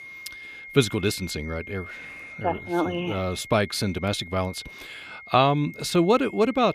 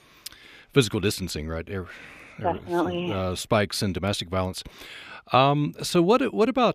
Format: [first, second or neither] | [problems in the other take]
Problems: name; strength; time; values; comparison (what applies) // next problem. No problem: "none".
second | high-pitched whine; noticeable; throughout; 2 kHz, 15 dB below the speech